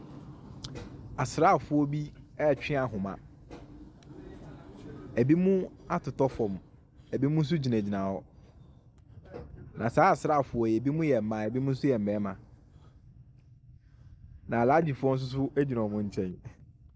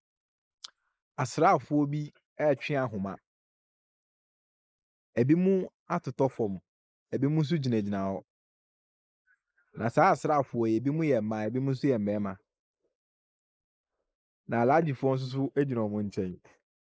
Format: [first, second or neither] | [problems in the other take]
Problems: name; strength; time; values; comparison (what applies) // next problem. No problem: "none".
first | noise reduction (neural mask model Resemble Enhance denoiser)